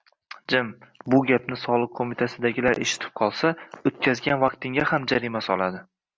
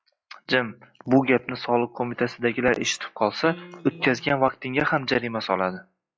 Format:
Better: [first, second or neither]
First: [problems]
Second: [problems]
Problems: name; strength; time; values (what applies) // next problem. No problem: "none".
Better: first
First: none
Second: noise reduction (classical method log-MMSE)